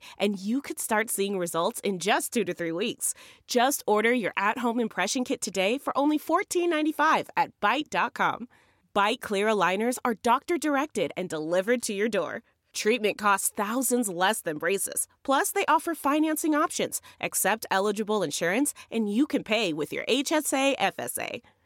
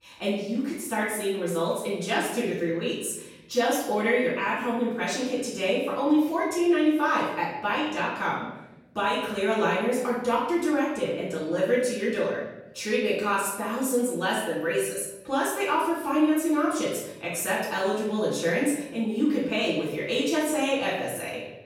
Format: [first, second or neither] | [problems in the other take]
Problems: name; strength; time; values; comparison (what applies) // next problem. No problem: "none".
first | room echo; noticeable; dies away in 1.1 s // off-mic speech; far